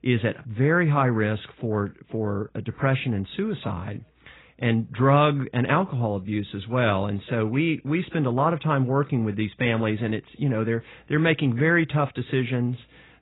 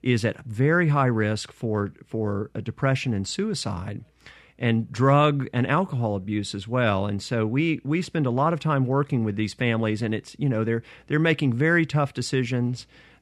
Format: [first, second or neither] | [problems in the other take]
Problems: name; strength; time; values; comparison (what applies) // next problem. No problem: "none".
second | garbled, watery; badly; nothing above 4 kHz